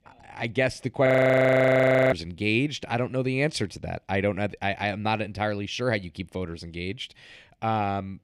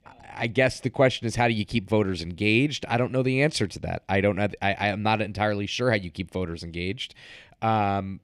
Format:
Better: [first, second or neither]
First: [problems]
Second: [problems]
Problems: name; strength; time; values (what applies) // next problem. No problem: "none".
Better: second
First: audio freezing; at 1 s for 1 s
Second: none